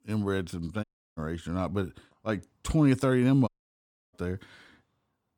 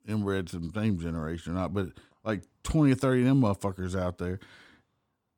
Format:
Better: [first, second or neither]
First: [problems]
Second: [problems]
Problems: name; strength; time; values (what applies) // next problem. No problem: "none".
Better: second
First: audio cutting out; at 1 s and at 3.5 s for 0.5 s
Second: none